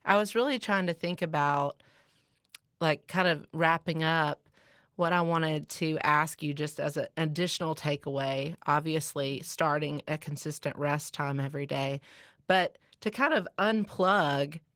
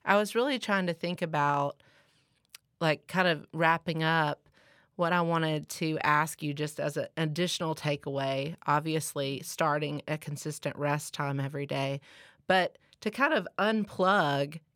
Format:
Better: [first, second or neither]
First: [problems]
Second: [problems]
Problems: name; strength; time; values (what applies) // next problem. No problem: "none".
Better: second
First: garbled, watery; slightly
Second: none